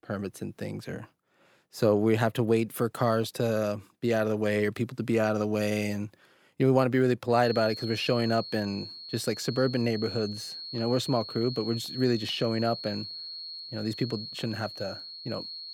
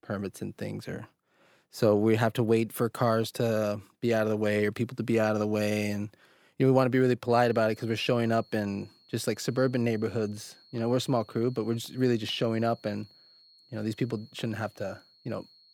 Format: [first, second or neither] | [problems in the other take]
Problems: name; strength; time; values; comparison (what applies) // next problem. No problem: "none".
second | high-pitched whine; loud; from 7.5 s on; 4.5 kHz, 10 dB below the speech; faint in the second